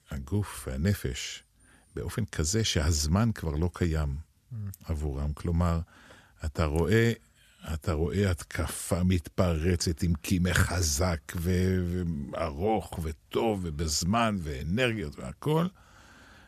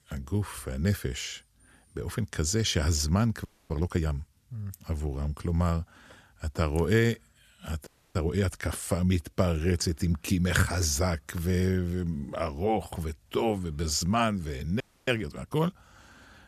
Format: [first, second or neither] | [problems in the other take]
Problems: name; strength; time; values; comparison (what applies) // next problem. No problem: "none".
first | audio freezing; at 3.5 s, at 8 s and at 15 s